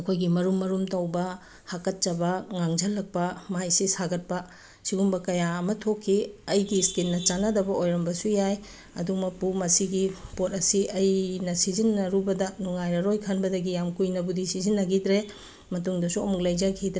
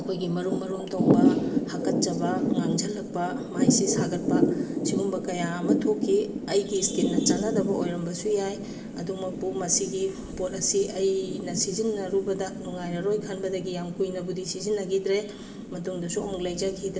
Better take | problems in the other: first | background sound (Thunder / Rain); as loud as the speech // room echo; dies away in 2.3 s

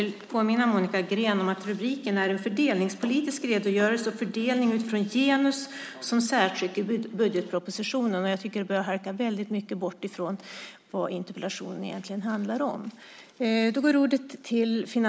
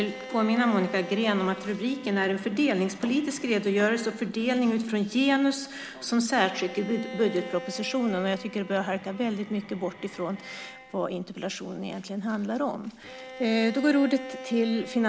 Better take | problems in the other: first | background sound (Bowed string instrument); 16 dB below the speech

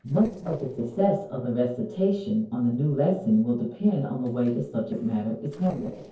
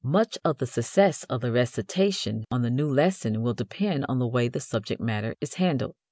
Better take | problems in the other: second | noise reduction (neural separator model SepFormer DNS4)

